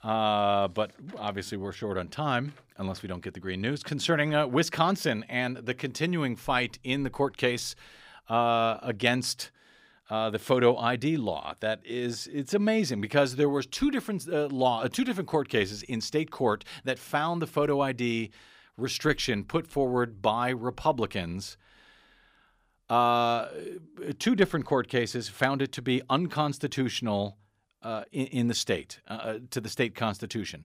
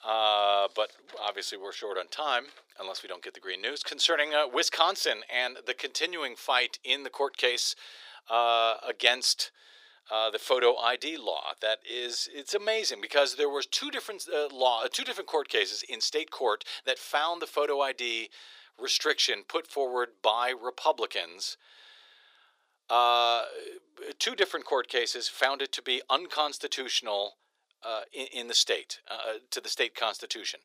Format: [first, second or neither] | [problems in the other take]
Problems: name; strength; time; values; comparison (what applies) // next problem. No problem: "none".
first | thin; very; fading below 400 Hz